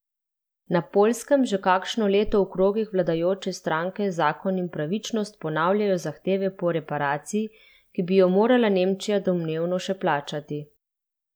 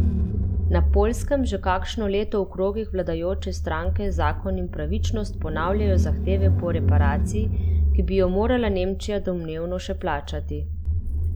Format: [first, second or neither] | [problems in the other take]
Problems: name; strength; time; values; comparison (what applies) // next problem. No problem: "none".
first | background sound (Engine / Car); 3 dB above the speech